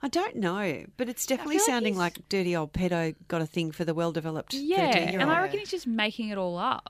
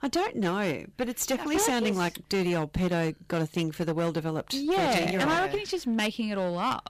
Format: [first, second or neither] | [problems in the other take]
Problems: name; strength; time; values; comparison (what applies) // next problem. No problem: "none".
first | distortion; slight; 13% of the sound clipped